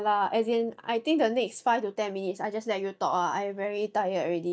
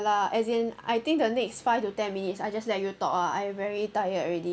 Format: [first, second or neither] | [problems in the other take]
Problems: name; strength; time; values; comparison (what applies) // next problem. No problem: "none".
second | noise reduction (neural mask model DeepFilterNet 3)